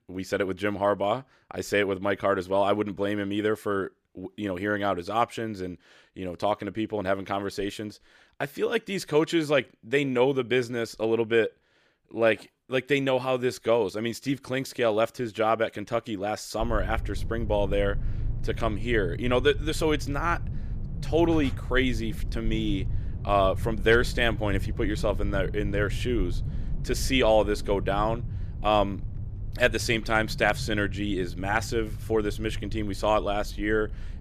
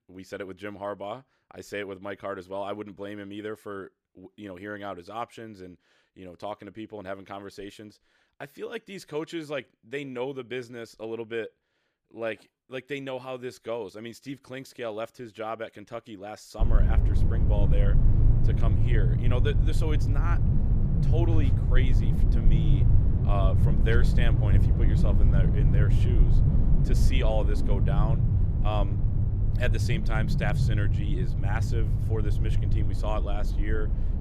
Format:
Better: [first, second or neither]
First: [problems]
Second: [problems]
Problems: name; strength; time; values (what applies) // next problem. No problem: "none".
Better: first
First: low rumble; faint; from 17 s on; 20 dB below the speech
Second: low rumble; loud; from 17 s on; 3 dB below the speech